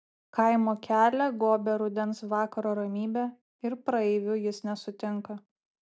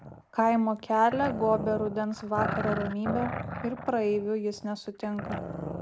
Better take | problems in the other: first | background sound (Growling); 8 dB below the speech

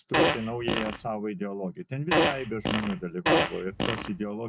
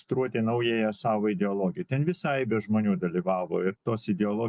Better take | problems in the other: second | background sound (Fart); 5 dB above the speech

